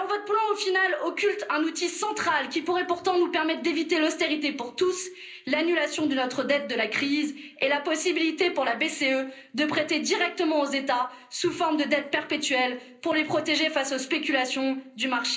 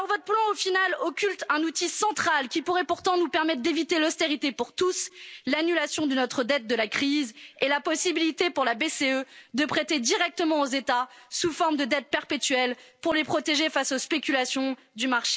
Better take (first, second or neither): second